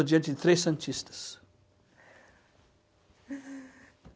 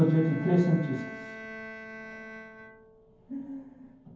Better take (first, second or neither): first